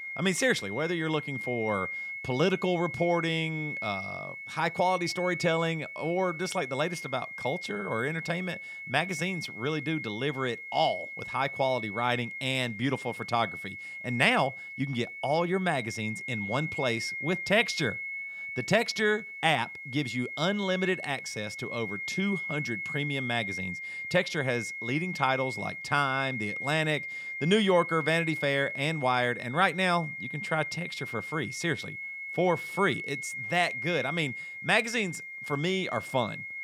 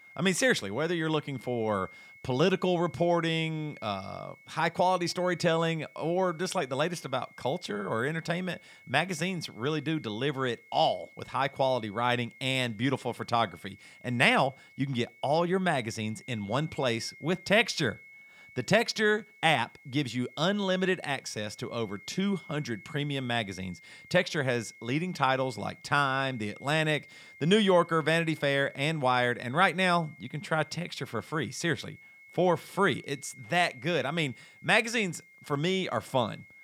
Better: second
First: high-pitched whine; loud; throughout; 2 kHz, 6 dB below the speech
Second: high-pitched whine; faint; throughout; 2 kHz, 20 dB below the speech

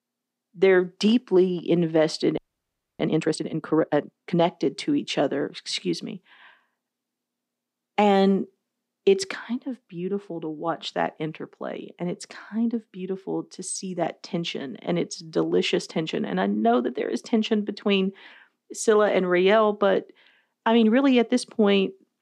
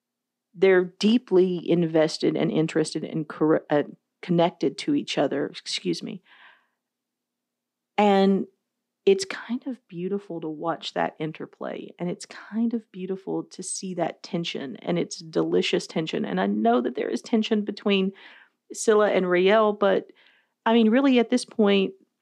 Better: second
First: audio freezing; at 2.5 s for 0.5 s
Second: none

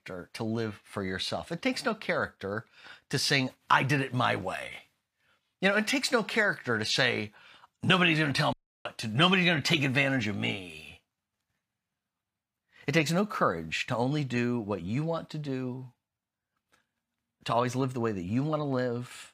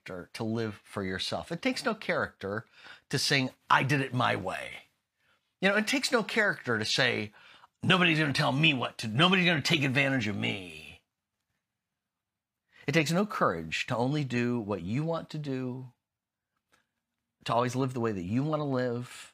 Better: second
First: audio cutting out; at 8.5 s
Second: none

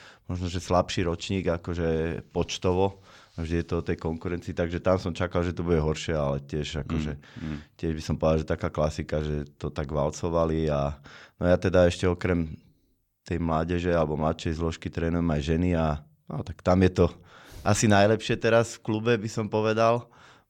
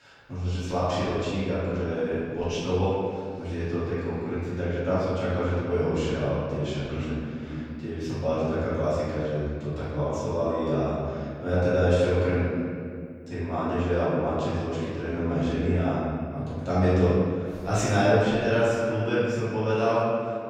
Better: first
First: none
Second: room echo; strong; dies away in 2.1 s // off-mic speech; far

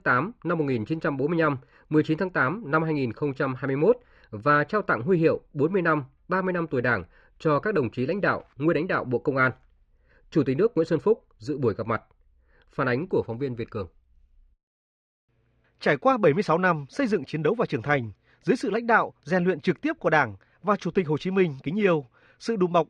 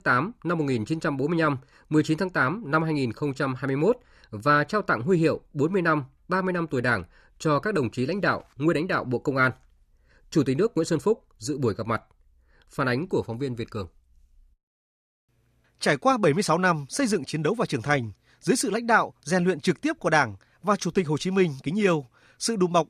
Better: second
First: muffled; slightly; fading above 2.5 kHz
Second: none

